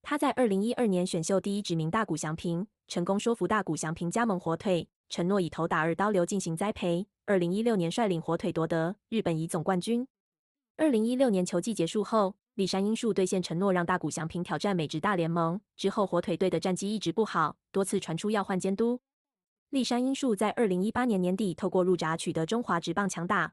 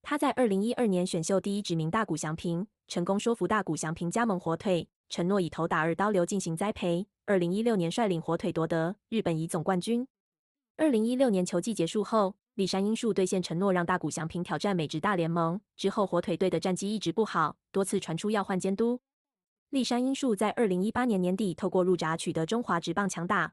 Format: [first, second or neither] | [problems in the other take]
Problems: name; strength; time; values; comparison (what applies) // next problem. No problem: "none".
neither | none